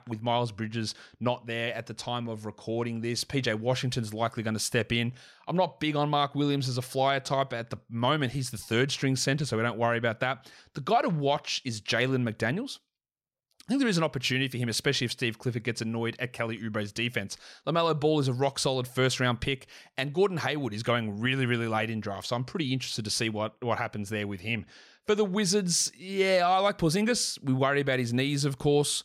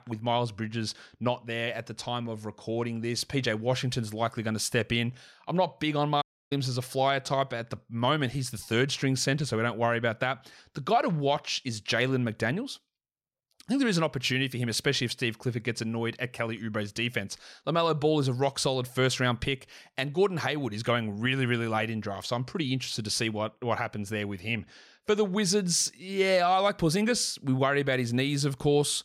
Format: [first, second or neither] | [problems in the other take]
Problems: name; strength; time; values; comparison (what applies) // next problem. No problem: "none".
first | audio cutting out; at 6 s